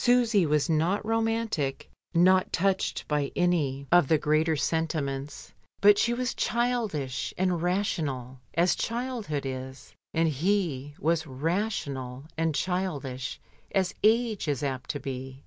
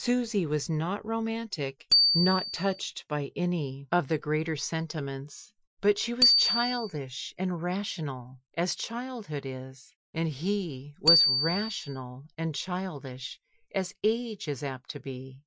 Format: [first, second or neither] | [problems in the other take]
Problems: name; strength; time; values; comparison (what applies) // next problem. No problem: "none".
first | noise reduction (classical method Wiener filter)